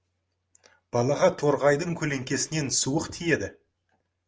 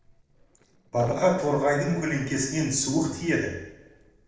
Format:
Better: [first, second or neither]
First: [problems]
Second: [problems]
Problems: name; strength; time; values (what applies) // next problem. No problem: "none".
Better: first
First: none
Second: noise reduction (neural separator model SepFormer DNS4)